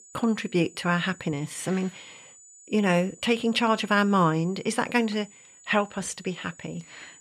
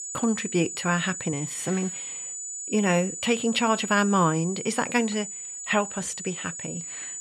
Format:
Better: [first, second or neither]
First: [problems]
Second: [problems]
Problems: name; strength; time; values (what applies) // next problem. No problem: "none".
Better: first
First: high-pitched whine; faint; throughout; 7 kHz, 25 dB below the speech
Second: high-pitched whine; loud; throughout; 7 kHz, 7 dB below the speech